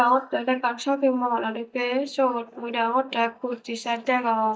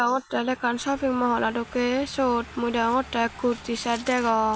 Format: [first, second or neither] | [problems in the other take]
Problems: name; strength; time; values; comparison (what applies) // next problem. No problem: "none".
second | noise reduction (neural mask model DeepFilterNet 3)